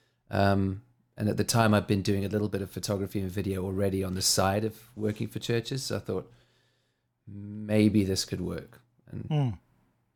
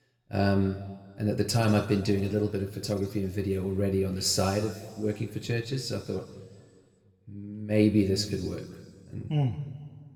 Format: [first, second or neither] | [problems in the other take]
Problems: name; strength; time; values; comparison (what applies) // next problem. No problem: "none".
first | room echo; slight; dies away in 1.5 s